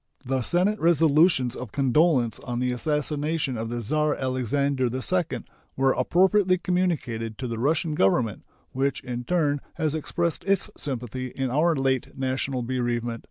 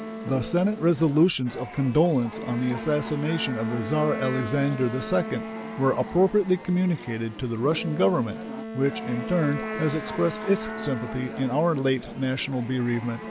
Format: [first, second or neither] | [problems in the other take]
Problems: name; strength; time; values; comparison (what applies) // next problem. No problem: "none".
first | background sound (Wind instrument, woodwind instrument + Chatter / Chirp, tweet / Livestock, farm animals, working animals); 10 dB below the speech